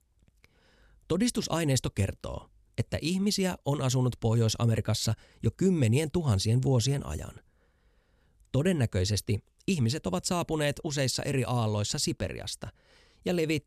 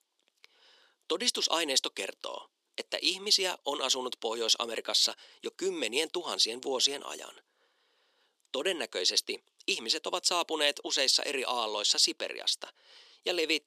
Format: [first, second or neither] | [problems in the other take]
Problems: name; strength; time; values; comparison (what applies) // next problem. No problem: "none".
first | thin; very; fading below 300 Hz